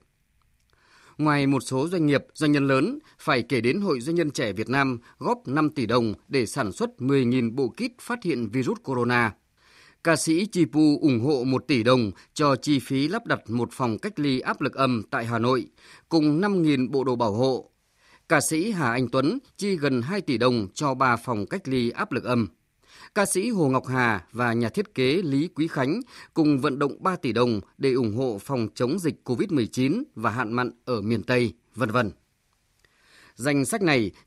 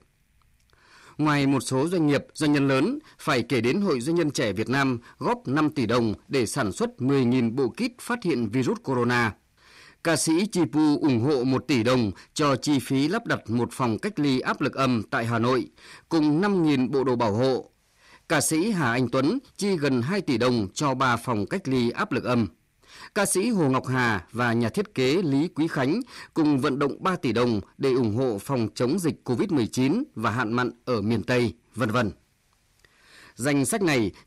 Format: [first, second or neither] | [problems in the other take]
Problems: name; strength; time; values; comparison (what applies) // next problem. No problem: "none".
first | distortion; slight; 10 dB below the speech